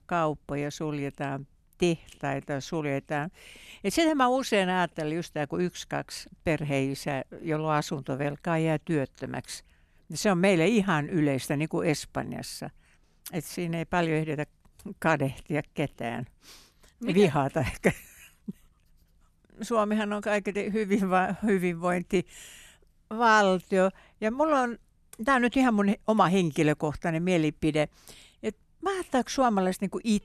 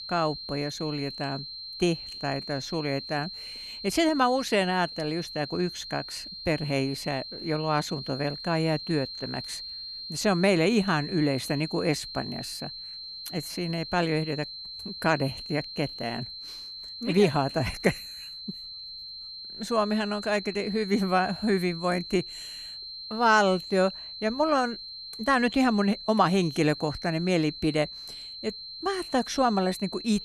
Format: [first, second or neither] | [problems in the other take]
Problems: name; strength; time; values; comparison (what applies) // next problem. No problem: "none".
first | high-pitched whine; loud; throughout; 4 kHz, 10 dB below the speech